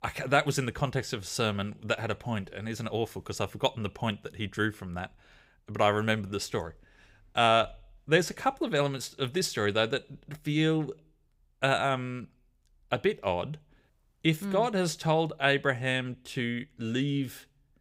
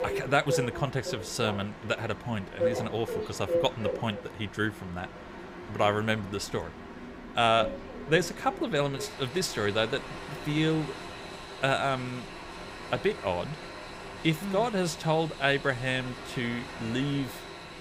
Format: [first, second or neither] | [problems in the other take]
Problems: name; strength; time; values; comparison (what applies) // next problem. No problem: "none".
first | train or aircraft noise; loud; throughout; 8 dB below the speech